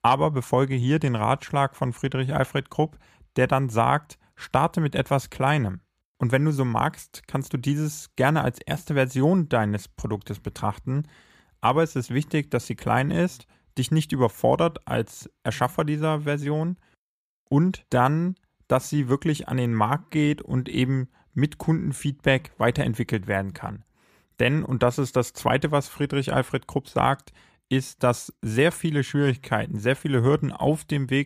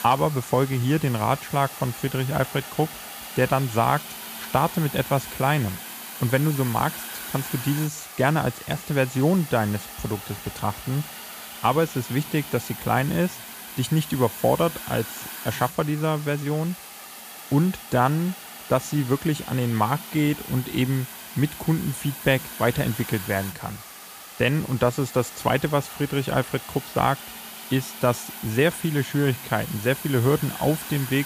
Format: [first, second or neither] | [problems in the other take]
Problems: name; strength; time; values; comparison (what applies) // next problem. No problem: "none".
first | hiss; noticeable; throughout; 10 dB below the speech